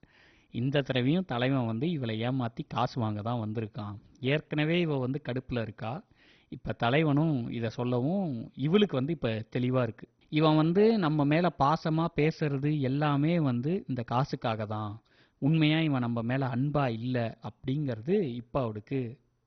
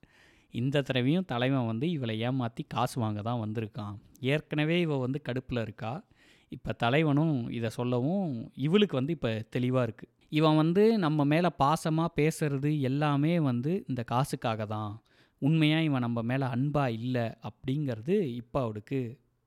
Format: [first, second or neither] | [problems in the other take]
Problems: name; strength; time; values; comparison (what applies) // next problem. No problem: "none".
second | garbled, watery; badly; nothing above 6 kHz